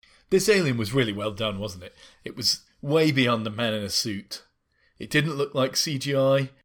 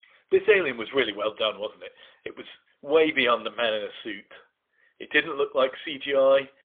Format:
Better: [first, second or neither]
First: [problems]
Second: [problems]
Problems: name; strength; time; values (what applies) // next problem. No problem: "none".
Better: first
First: none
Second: phone-call audio; poor line; nothing above 3.5 kHz